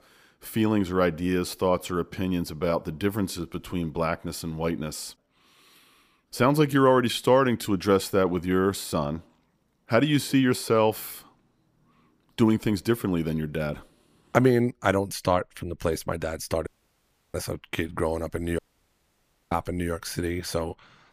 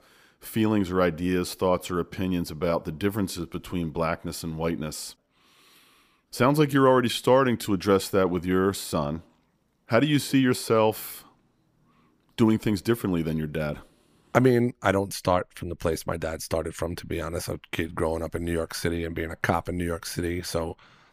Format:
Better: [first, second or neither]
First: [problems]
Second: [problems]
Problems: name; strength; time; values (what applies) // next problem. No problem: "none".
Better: second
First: audio cutting out; at 17 s for 0.5 s and at 19 s for 1 s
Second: none